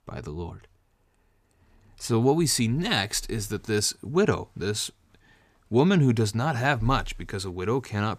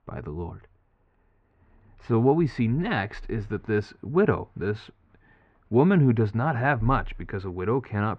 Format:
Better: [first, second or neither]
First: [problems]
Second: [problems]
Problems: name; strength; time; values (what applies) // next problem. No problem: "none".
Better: first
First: none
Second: muffled; very; fading above 2 kHz